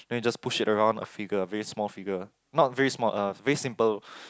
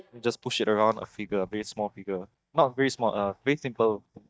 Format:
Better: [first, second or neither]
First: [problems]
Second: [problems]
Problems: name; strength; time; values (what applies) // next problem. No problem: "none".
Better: first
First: none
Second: noise reduction (neural mask model DeepFilterNet 3)